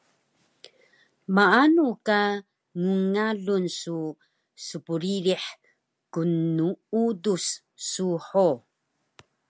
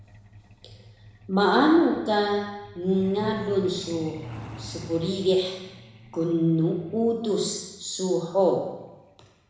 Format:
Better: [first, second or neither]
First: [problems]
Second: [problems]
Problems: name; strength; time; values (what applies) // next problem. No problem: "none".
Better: first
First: none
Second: background sound (Truck); 19 dB below the speech // room echo; dies away in 1 s